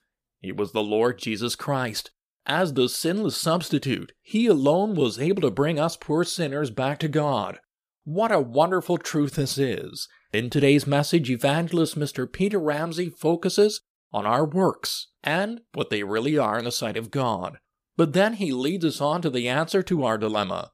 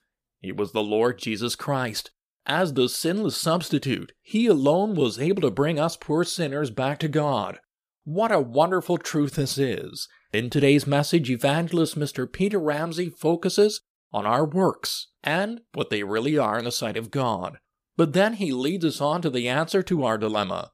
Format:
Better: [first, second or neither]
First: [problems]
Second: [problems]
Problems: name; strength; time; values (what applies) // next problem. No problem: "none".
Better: neither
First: none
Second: none